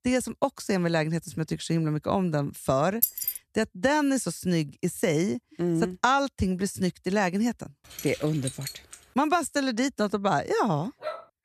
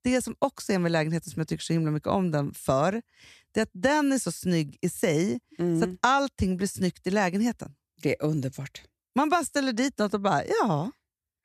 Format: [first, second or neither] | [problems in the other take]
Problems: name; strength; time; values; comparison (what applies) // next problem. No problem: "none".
second | jangling keys; loud; at 3 s; peak 2 dB above the speech // jangling keys; noticeable; from 8 to 9 s; peak 9 dB below the speech // dog barking; faint; at 11 s; peak 10 dB below the speech